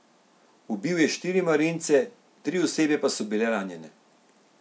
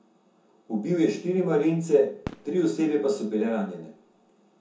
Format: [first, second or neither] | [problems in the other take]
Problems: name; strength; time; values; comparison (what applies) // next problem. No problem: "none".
first | background sound (Fireworks); 19 dB below the speech // room echo; dies away in 0.6 s